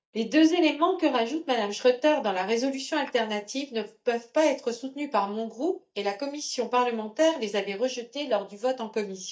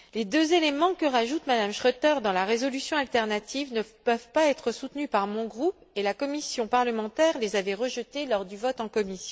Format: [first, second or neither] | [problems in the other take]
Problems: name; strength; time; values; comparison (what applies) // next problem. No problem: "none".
second | noise reduction (neural mask model DeepFilterNet 3)